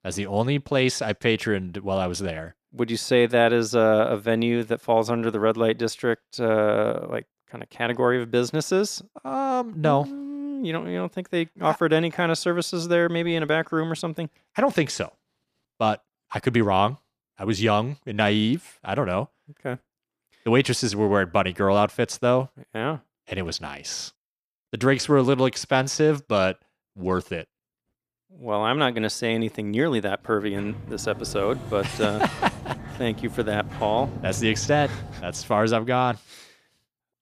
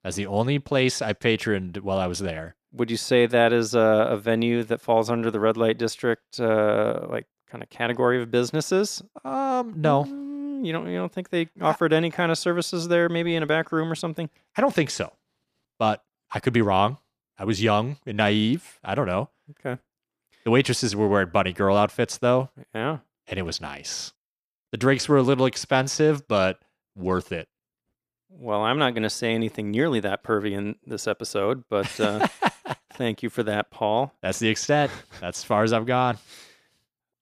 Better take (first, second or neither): second